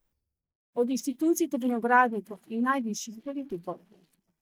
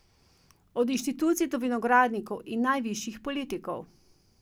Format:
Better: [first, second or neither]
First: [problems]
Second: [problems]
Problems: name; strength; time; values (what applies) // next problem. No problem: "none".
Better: second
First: noise reduction (neural mask model DeepFilterNet 3)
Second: none